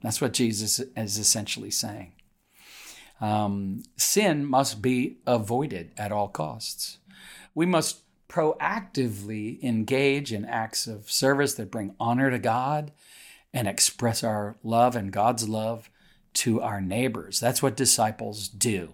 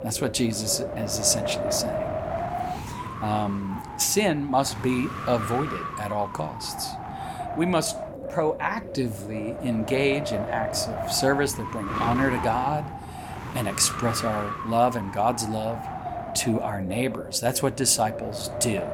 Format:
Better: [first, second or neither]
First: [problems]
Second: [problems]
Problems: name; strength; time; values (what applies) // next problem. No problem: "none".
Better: first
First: none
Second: wind noise on the microphone; heavy; 5 dB below the speech